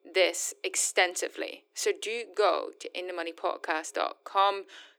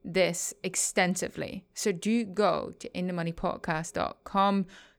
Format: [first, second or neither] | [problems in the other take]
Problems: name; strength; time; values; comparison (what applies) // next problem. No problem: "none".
second | thin; very; fading below 300 Hz